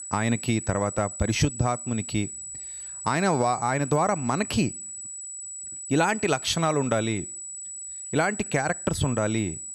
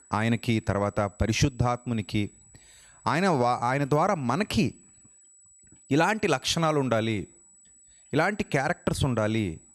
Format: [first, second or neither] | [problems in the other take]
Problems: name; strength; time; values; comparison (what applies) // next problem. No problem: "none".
second | high-pitched whine; loud; throughout; 8 kHz, 9 dB below the speech; faint in the second